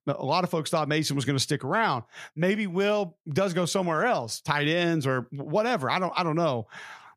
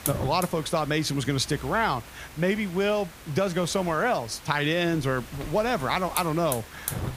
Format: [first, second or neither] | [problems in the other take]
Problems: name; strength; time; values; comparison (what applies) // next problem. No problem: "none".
first | hiss; noticeable; throughout; 10 dB below the speech